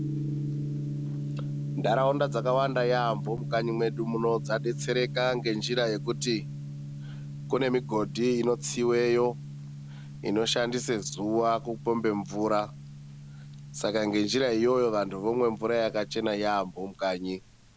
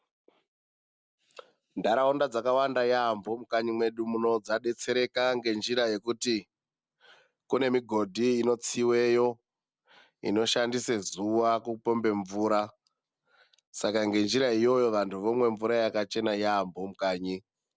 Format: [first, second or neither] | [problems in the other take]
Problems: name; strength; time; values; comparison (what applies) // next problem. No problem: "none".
second | background sound (Gong); 8 dB below the speech